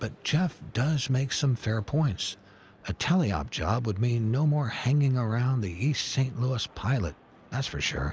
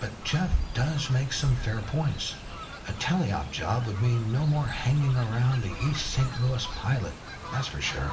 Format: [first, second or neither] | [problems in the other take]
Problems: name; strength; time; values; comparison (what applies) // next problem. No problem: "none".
first | background sound (Fowl); 8 dB below the speech // room echo; dies away in 0.7 s